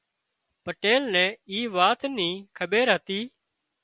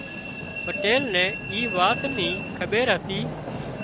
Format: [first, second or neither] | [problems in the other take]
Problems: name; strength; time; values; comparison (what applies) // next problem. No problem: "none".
first | background sound (Train); 5 dB below the speech